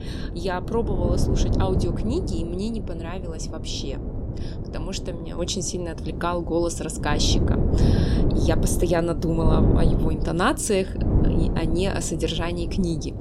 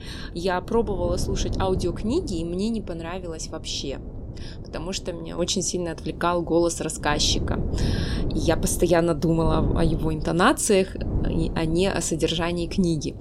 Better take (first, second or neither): second